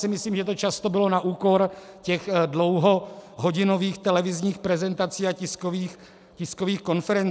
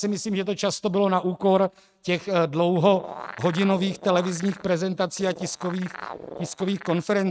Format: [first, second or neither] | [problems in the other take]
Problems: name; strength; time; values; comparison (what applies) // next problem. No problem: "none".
first | noise reduction (neural mask model RNNoise)